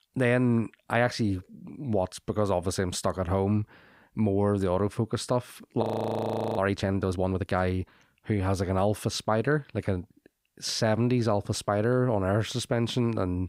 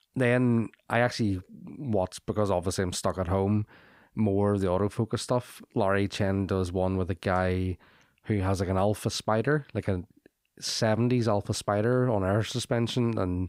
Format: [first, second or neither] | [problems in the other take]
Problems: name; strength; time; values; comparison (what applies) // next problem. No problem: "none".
second | audio freezing; at 6 s for 1 s